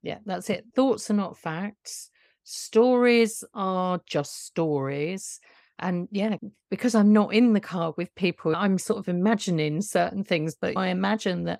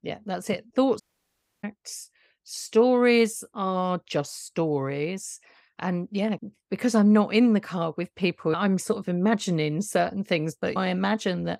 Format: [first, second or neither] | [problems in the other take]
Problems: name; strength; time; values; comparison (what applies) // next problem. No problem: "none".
first | audio cutting out; at 1 s for 0.5 s